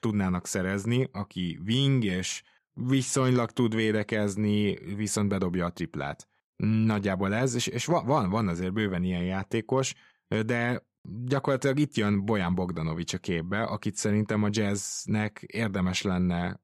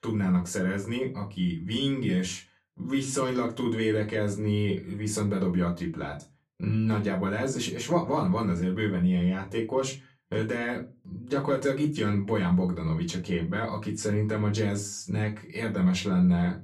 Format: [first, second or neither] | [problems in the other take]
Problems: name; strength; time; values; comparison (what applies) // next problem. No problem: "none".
first | off-mic speech; far // room echo; very slight; dies away in 0.2 s